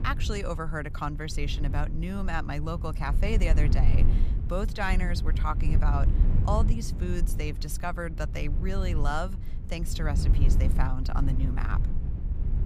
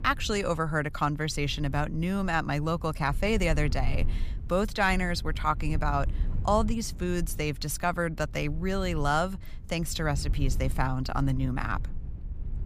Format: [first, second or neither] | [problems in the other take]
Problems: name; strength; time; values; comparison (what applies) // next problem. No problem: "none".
second | low rumble; loud; throughout; 10 dB below the speech; faint in the second